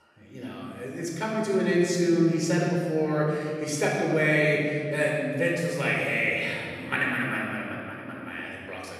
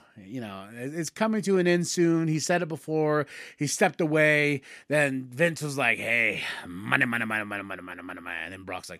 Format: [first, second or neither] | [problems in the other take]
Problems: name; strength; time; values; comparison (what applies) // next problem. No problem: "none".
second | off-mic speech; far // room echo; noticeable; dies away in 2.3 s